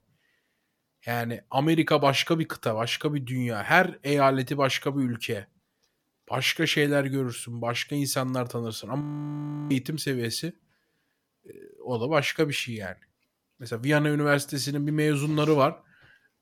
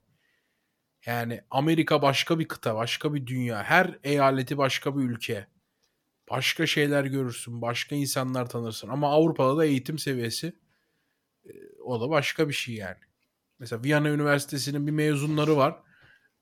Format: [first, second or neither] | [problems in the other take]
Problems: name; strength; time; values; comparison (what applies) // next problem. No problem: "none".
second | audio freezing; at 9 s for 0.5 s